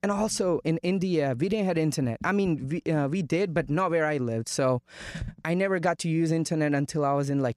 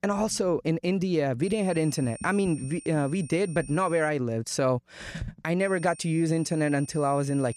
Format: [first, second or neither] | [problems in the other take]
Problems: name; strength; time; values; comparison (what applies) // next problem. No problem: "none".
first | high-pitched whine; noticeable; from 1.5 to 4 s and from 5.5 s on; 8.5 kHz, 20 dB below the speech